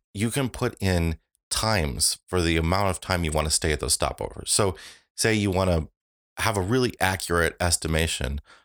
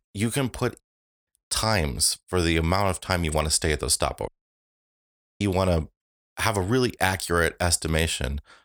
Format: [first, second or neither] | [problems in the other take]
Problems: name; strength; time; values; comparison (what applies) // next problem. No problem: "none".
first | audio cutting out; at 1 s and at 4.5 s for 1 s